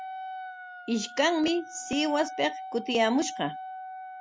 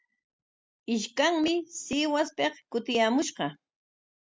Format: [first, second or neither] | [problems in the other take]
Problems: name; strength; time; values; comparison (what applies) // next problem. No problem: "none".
second | background sound (Wind instrument, woodwind instrument); 11 dB below the speech